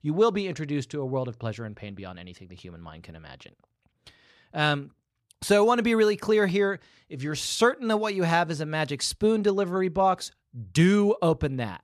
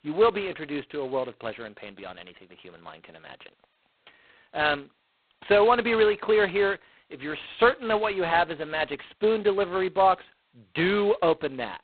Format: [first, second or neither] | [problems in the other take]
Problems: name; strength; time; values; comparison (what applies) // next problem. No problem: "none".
first | phone-call audio; poor line; nothing above 4 kHz